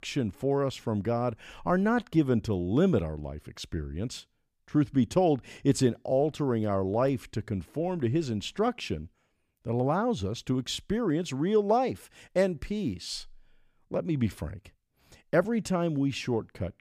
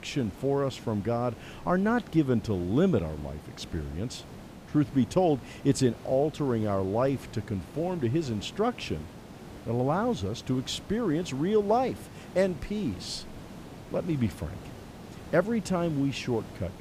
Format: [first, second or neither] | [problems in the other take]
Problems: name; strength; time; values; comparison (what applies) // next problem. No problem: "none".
first | hiss; noticeable; throughout; 15 dB below the speech